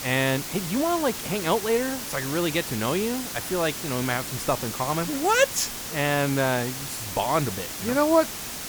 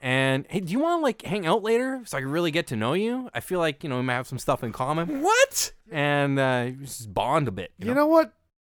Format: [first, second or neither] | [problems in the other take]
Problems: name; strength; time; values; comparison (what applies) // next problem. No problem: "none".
second | hiss; loud; throughout; 6 dB below the speech